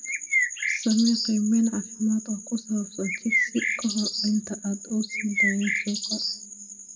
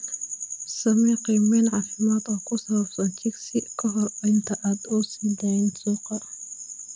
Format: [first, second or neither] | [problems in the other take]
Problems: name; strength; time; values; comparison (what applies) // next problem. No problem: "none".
second | background sound (Bird); 1 dB below the speech // room echo; dies away in 0.3 s